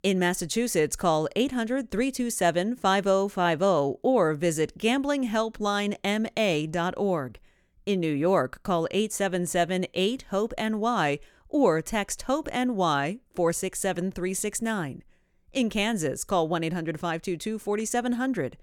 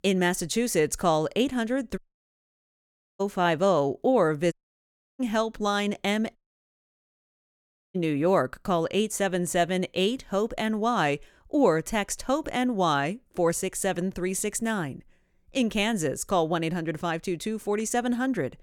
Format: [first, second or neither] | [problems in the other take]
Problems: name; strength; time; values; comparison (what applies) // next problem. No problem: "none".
first | audio cutting out; at 2 s for 1 s, at 4.5 s for 0.5 s and at 6.5 s for 1.5 s